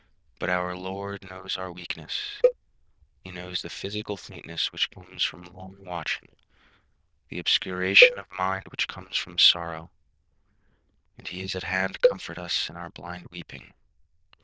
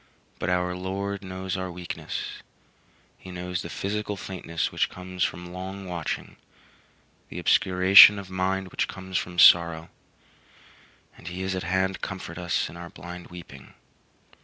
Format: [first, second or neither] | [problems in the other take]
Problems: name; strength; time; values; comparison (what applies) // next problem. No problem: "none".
second | noise reduction (neural diffusion model UNIVERSE++)